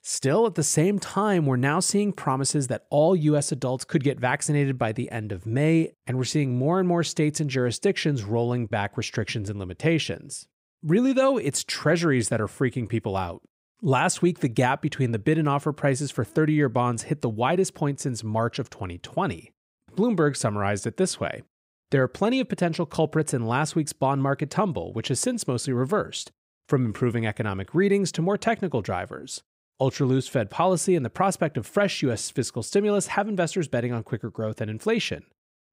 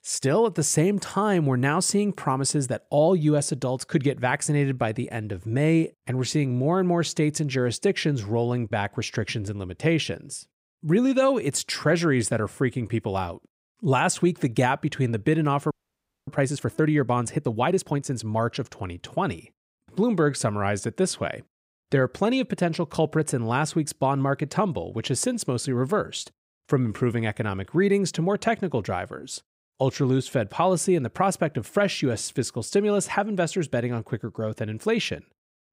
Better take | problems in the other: first | audio freezing; at 16 s for 0.5 s

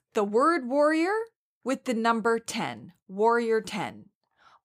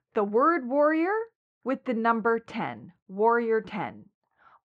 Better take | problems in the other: first | muffled; very; fading above 1.5 kHz

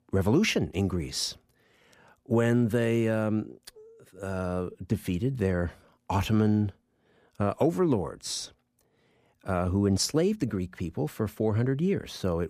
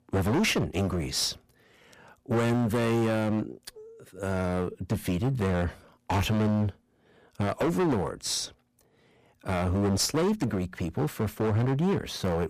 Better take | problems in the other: first | distortion; heavy; 16% of the sound clipped

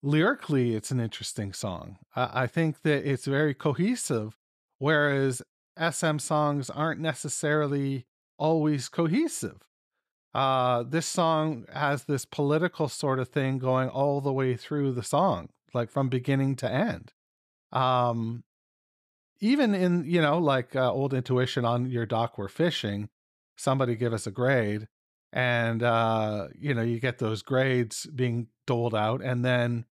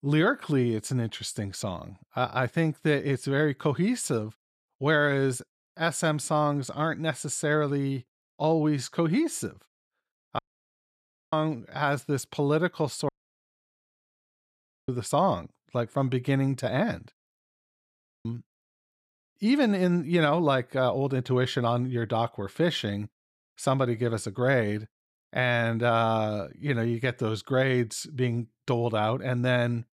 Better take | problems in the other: first | audio cutting out; at 10 s for 1 s, at 13 s for 2 s and at 17 s for 1 s

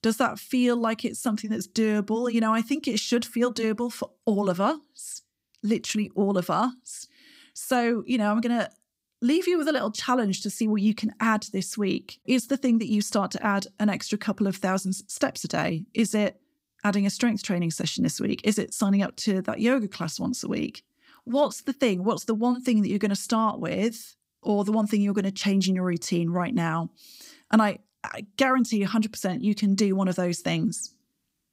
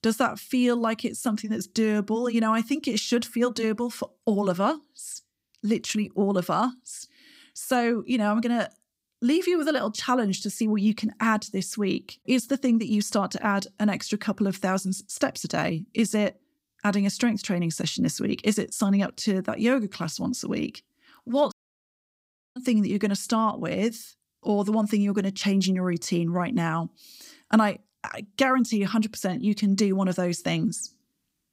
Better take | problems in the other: first | audio cutting out; at 22 s for 1 s

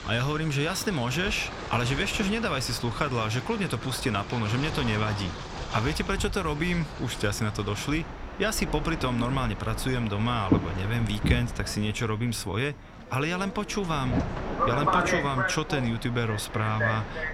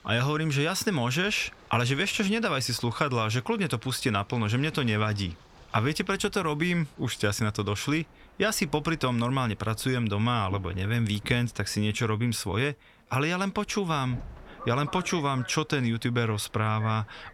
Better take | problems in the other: second | train or aircraft noise; loud; throughout; 5 dB below the speech; faint in the second

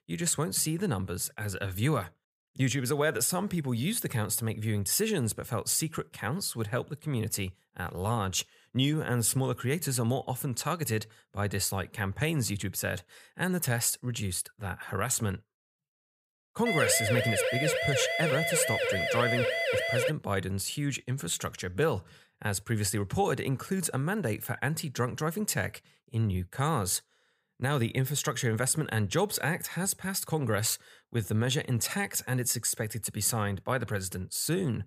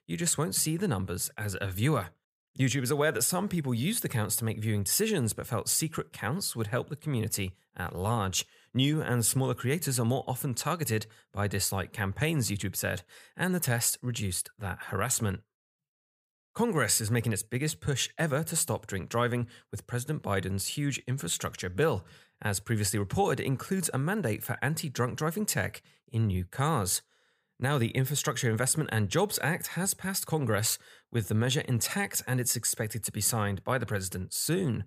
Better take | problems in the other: second | siren; loud; from 17 to 20 s; peak 2 dB above the speech

